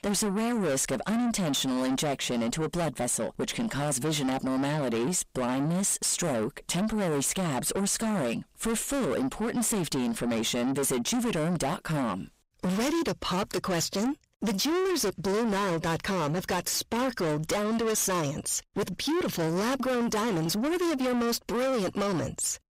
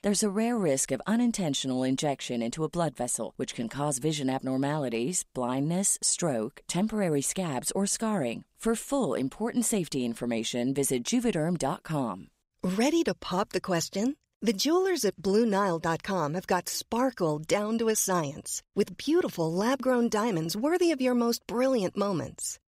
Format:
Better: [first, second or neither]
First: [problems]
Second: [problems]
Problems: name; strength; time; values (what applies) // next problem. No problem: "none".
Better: second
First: distortion; heavy; 6 dB below the speech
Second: none